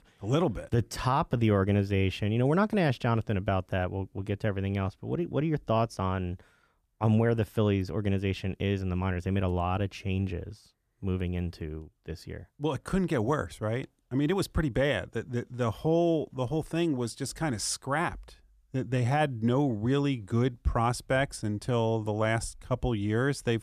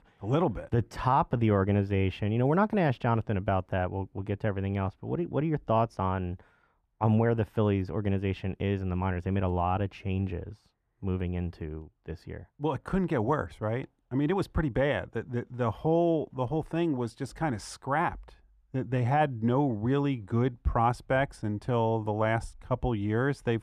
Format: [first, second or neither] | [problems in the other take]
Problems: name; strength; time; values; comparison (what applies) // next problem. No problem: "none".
first | muffled; slightly; fading above 3.5 kHz